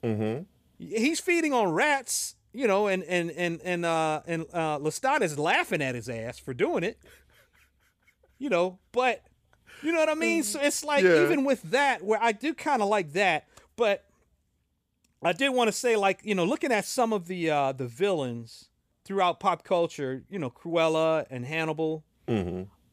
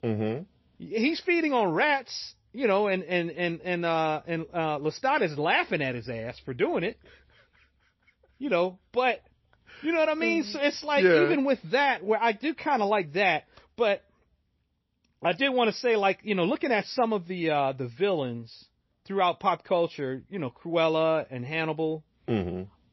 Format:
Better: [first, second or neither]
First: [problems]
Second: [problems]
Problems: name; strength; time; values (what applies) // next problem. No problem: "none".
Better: first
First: none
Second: garbled, watery; slightly; nothing above 5.5 kHz